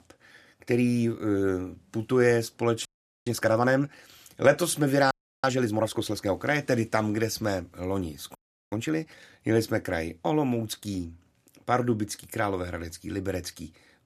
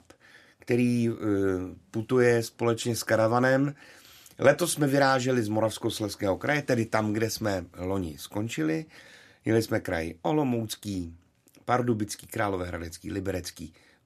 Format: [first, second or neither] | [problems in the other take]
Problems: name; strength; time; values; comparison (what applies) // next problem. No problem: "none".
second | audio freezing; at 3 s, at 5 s and at 8.5 s